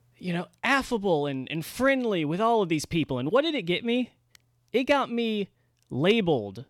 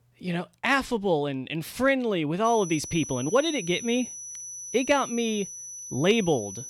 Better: first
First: none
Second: high-pitched whine; noticeable; from 2.5 s on; 6 kHz, 10 dB below the speech

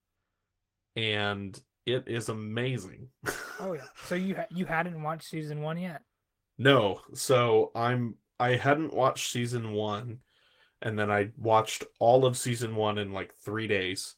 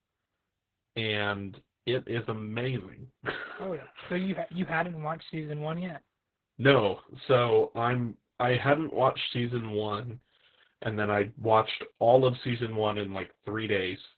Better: first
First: garbled, watery; slightly; nothing above 16 kHz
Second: garbled, watery; badly; nothing above 4 kHz

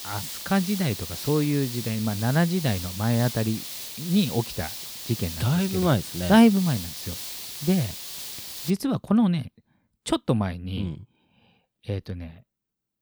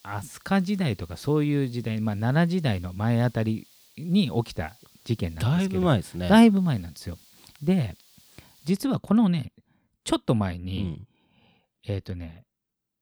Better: second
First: hiss; loud; until 8.5 s; 9 dB below the speech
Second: hiss; faint; until 8.5 s; 30 dB below the speech

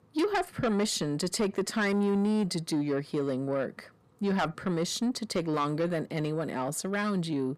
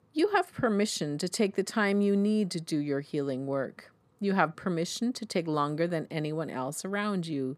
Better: second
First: distortion; slight; 10 dB below the speech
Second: none

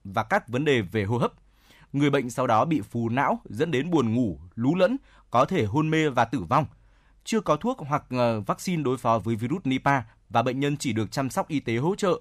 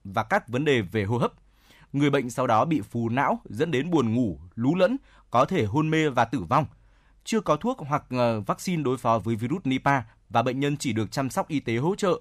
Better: neither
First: none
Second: none

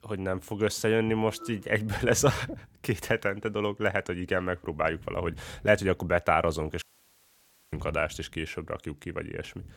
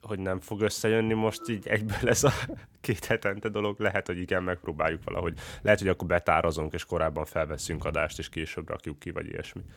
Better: second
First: audio cutting out; at 7 s for 1 s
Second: none

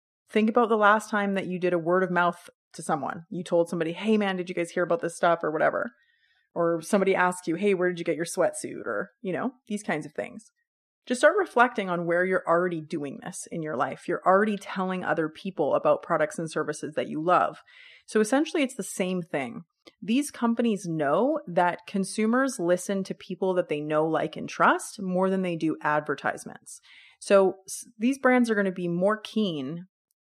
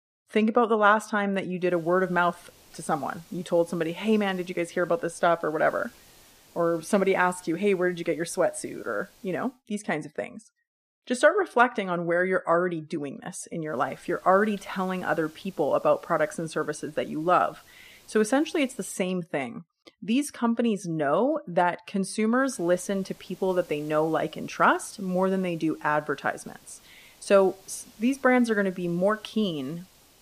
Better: first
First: none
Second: hiss; faint; from 1.5 to 9.5 s, from 14 to 19 s and from 22 s on; 30 dB below the speech

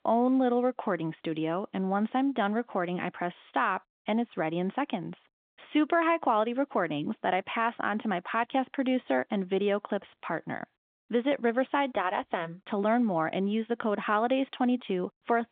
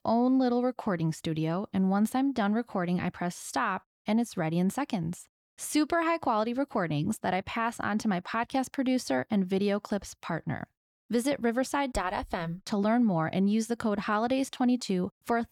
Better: second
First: phone-call audio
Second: none

